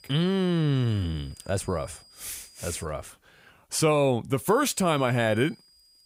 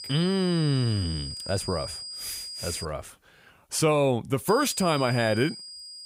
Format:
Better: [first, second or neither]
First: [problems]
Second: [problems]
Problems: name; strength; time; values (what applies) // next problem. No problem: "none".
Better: first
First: high-pitched whine; faint; until 3 s and from 4.5 s on; 5 kHz, 25 dB below the speech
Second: high-pitched whine; loud; until 3 s and from 4.5 s on; 5 kHz, 10 dB below the speech